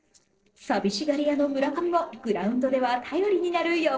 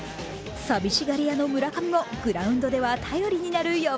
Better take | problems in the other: second | noise reduction (neural separator model SepFormer DNS4)

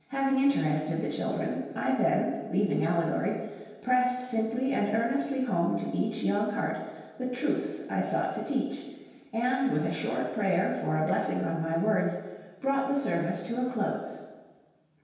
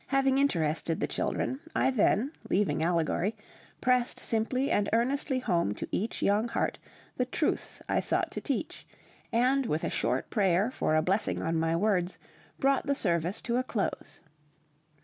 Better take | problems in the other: second | room echo; dies away in 1.2 s

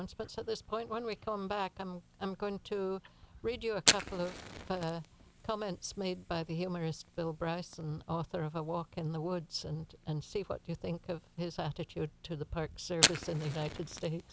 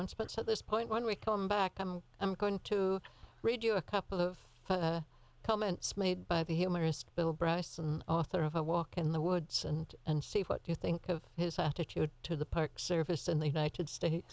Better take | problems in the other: second | background sound (Fire); 3 dB below the speech

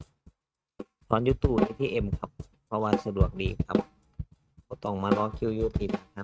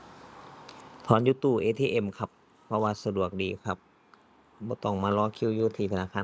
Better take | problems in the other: second | noise reduction (neural mask model RNNoise)

